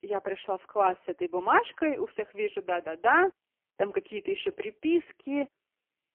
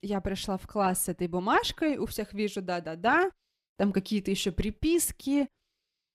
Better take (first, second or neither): second